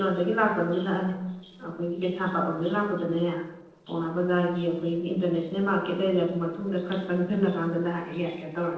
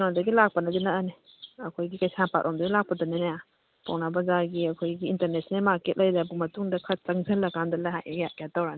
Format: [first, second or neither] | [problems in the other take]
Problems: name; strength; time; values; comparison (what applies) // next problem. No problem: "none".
second | noise reduction (neural separator model SepFormer DNS4)